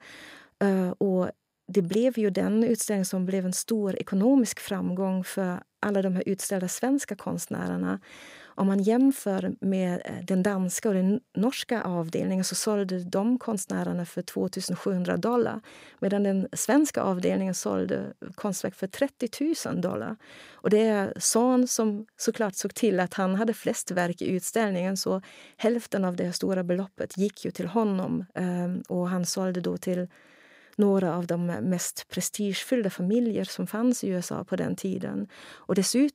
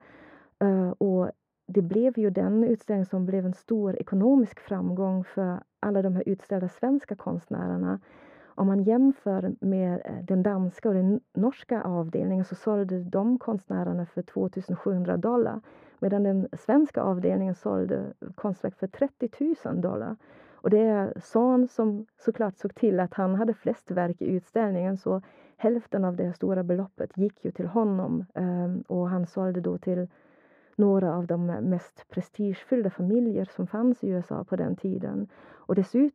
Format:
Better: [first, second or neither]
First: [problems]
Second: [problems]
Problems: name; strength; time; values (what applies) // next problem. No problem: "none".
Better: first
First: none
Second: muffled; very; fading above 3 kHz